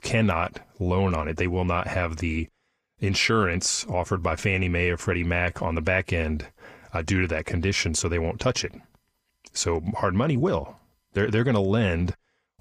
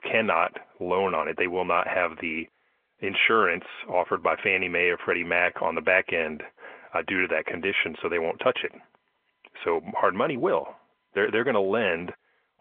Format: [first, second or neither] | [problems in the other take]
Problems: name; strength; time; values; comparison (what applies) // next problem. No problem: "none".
first | phone-call audio